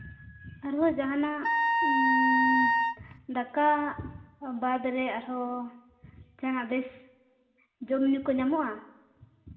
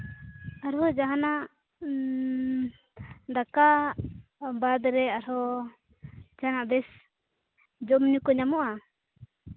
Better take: second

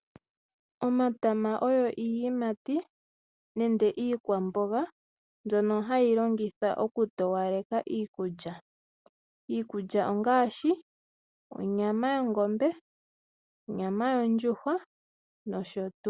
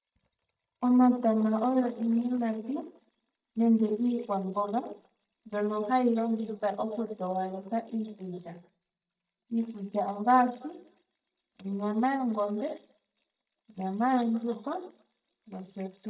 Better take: first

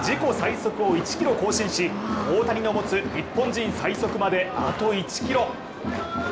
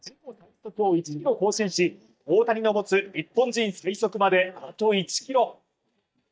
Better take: first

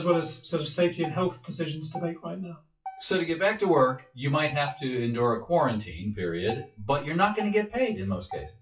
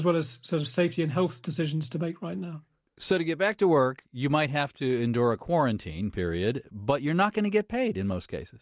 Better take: second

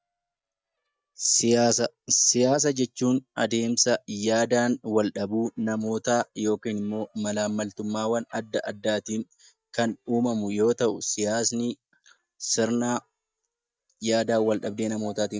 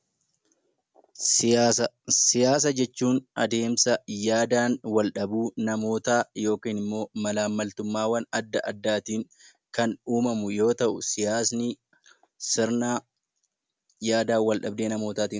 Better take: second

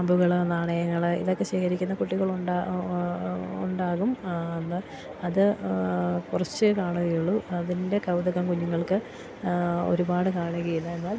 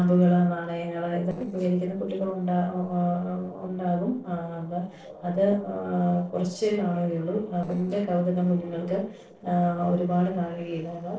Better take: first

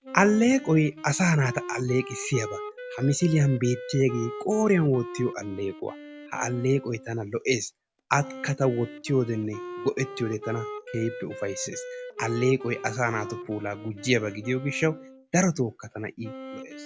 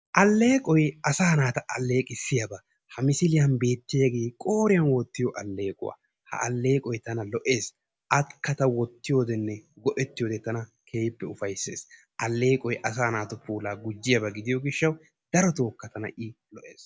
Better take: second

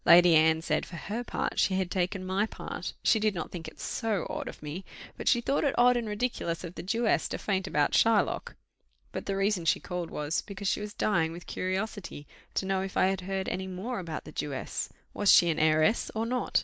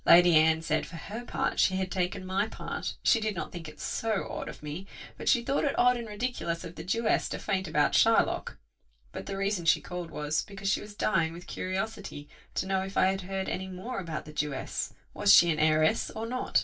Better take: first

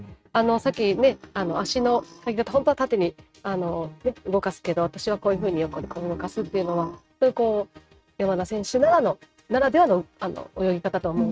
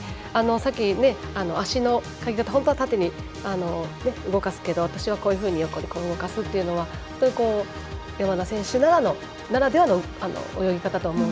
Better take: second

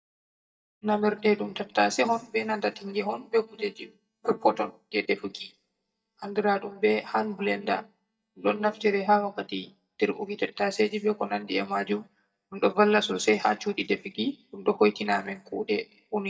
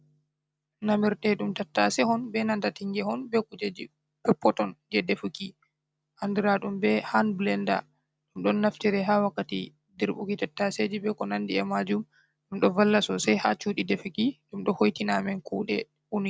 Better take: second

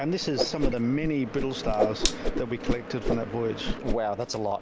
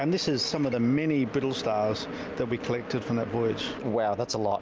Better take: second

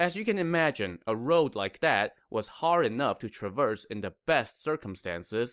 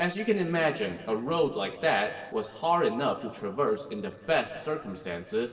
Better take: first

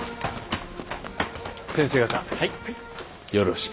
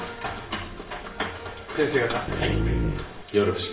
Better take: first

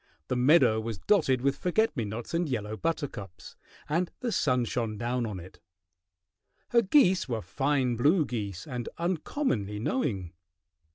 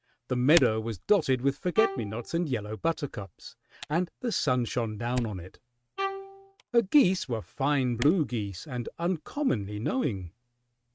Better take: first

